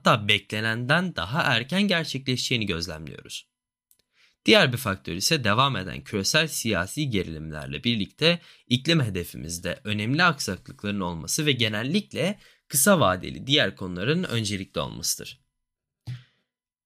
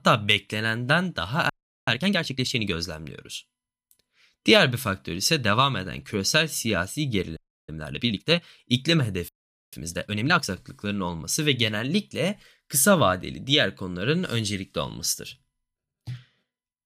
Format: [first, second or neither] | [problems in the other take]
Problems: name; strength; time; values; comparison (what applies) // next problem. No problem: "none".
first | audio freezing; at 1.5 s, at 7.5 s and at 9.5 s